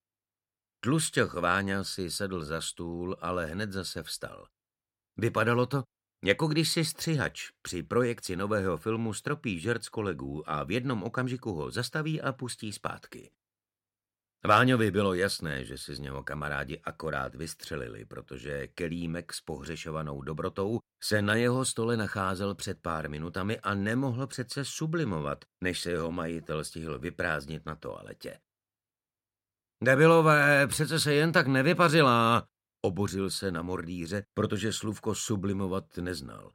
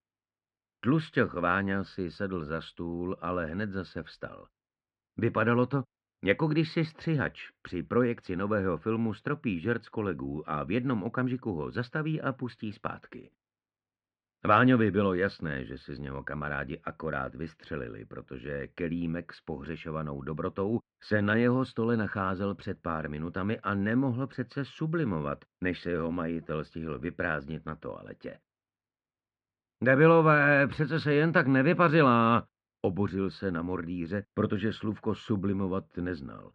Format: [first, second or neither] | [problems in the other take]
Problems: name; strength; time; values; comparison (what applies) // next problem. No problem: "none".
first | muffled; slightly; fading above 2.5 kHz